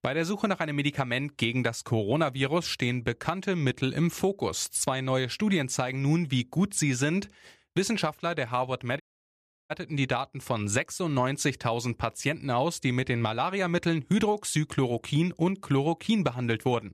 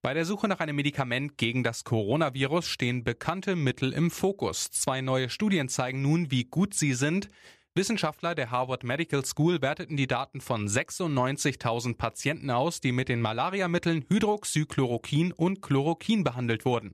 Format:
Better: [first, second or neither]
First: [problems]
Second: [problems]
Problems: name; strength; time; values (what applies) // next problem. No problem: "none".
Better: second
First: audio cutting out; at 9 s for 0.5 s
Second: none